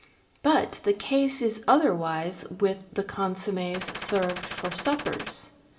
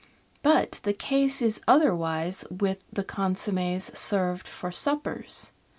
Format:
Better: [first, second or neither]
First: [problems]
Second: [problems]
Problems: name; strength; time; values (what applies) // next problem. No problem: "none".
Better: second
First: background sound (Gunshot, gunfire); 9 dB below the speech // room echo; dies away in 2.2 s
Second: none